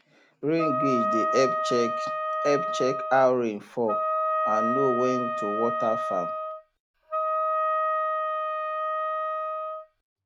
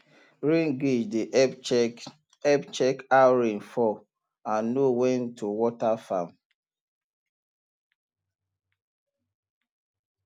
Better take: second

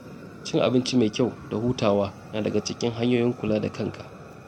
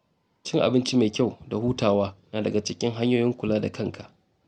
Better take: second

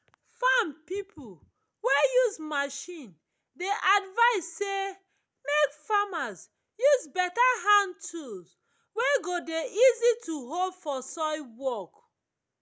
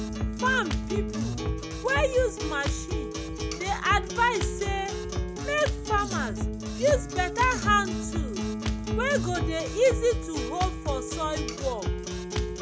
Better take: first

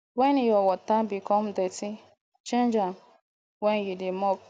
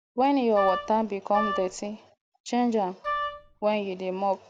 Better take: first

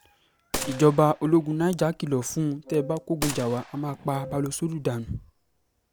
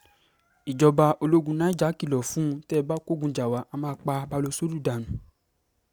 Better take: second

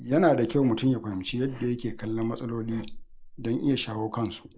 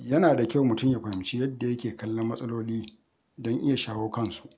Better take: second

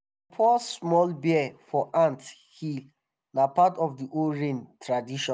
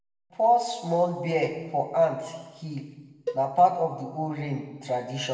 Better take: first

